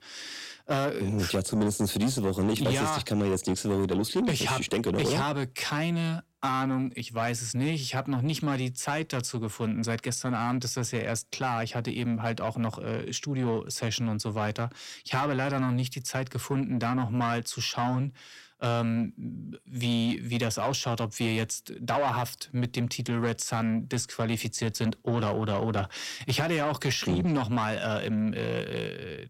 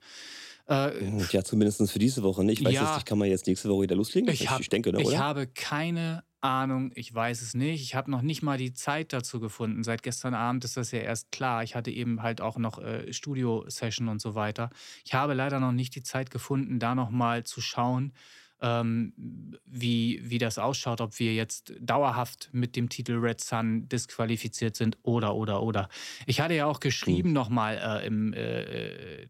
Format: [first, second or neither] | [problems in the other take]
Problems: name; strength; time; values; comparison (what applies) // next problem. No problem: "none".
second | distortion; slight; 10 dB below the speech